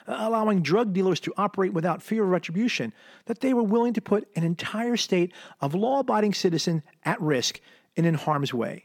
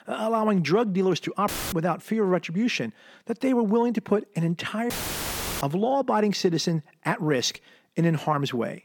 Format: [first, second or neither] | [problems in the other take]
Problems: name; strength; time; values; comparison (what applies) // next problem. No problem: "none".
first | audio cutting out; filled with static; at 1.5 s and at 5 s for 0.5 s